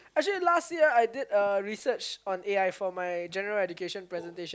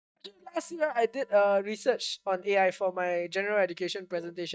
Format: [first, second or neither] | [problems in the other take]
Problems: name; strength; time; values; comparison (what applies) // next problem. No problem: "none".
first | noise reduction (neural mask model DeepFilterNet 3)